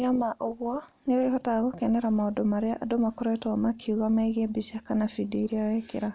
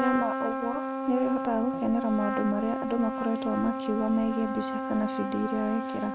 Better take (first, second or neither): first